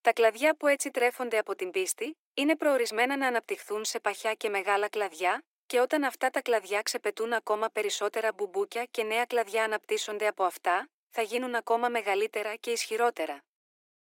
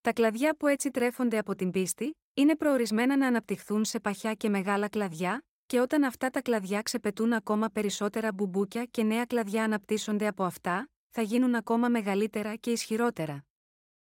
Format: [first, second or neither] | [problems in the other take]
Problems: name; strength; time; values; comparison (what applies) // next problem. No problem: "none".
second | thin; very; fading below 300 Hz